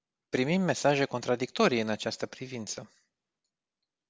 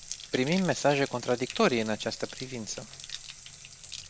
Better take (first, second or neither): first